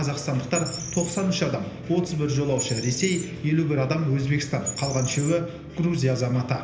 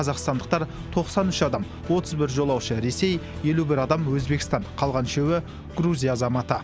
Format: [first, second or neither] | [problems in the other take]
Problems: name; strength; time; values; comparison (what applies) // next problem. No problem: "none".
second | background sound (Bird); 13 dB below the speech // room echo; dies away in 0.8 s